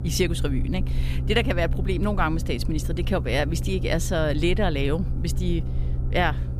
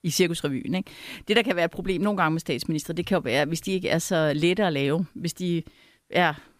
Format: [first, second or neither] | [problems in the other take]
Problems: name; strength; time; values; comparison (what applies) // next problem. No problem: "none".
second | low rumble; noticeable; throughout; 15 dB below the speech